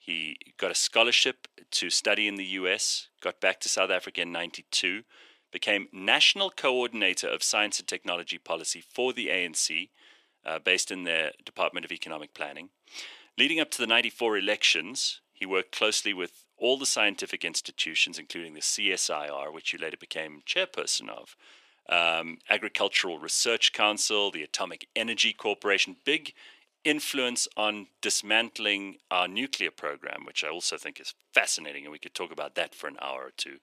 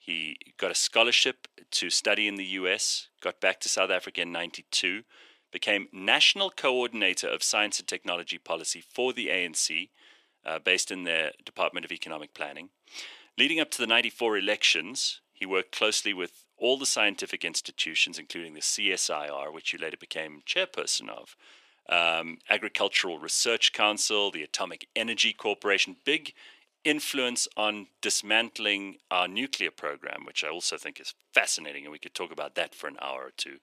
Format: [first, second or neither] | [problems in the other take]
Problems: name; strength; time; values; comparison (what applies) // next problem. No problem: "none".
neither | thin; very; fading below 350 Hz; the same in both